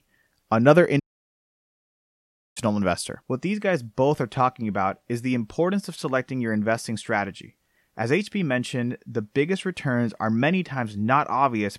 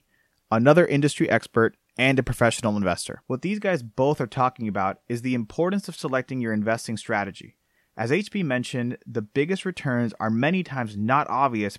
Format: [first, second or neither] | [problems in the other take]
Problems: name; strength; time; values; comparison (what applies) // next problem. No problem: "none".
second | audio cutting out; at 1 s for 1.5 s